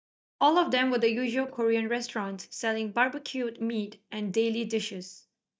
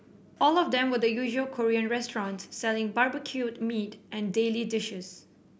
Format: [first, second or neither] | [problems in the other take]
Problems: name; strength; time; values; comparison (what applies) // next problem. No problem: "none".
second | noise reduction (neural mask model DeepFilterNet 3)